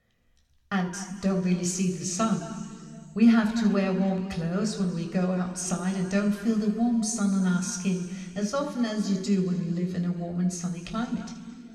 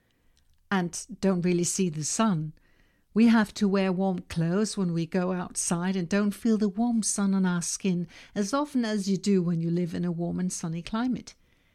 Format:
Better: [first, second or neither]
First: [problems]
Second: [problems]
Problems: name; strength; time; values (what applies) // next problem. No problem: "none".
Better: second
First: room echo; noticeable; dies away in 2.3 s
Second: none